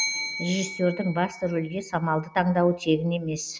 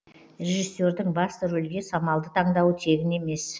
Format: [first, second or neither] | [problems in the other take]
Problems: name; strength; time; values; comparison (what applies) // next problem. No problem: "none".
second | background sound (Bell); 11 dB below the speech